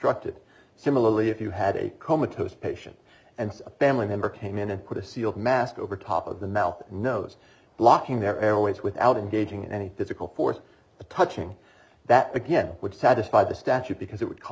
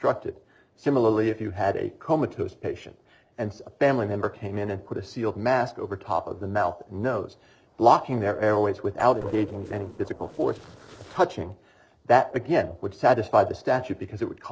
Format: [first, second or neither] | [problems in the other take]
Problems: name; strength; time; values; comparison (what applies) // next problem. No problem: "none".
first | noise reduction (neural separator model SepFormer DNS4)